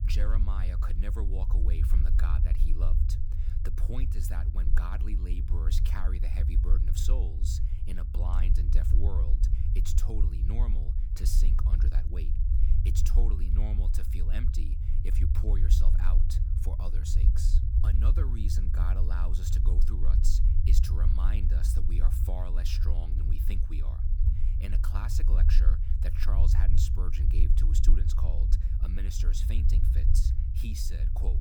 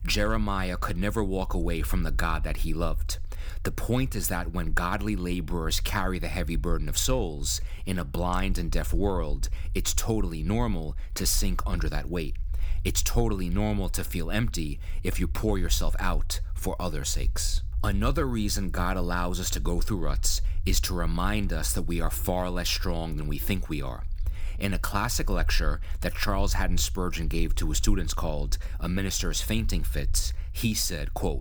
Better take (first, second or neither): second